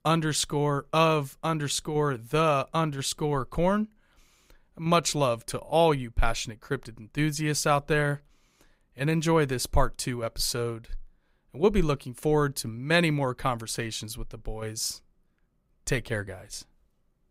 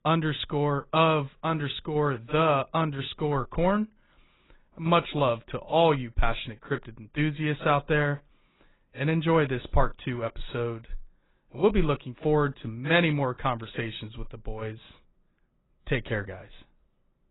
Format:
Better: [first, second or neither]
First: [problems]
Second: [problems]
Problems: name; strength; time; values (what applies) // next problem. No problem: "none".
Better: first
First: none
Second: garbled, watery; badly; nothing above 4 kHz